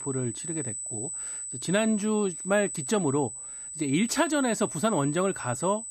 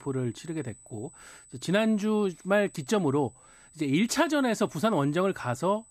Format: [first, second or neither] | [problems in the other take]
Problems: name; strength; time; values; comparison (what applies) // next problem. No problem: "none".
second | high-pitched whine; loud; throughout; 8 kHz, 6 dB below the speech; faint in the second